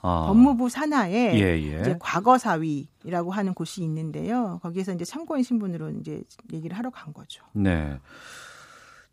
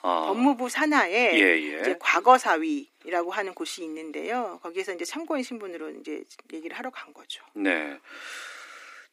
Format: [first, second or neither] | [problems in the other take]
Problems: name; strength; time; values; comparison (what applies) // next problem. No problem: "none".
first | thin; somewhat; fading below 300 Hz